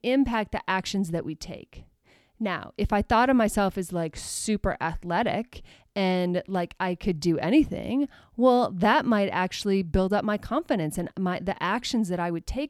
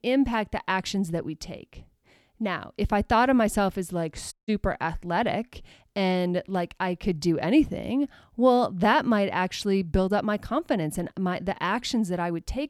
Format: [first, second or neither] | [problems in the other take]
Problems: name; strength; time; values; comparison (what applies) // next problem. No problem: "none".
first | audio cutting out; at 4.5 s